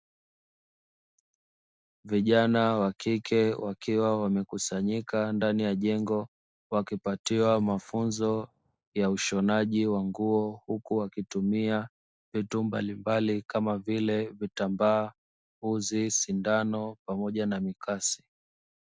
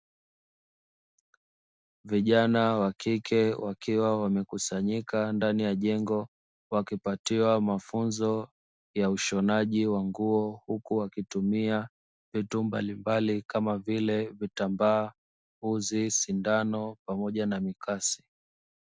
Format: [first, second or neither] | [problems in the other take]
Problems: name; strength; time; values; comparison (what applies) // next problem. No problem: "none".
second | noise reduction (neural mask model Resemble Enhance denoiser)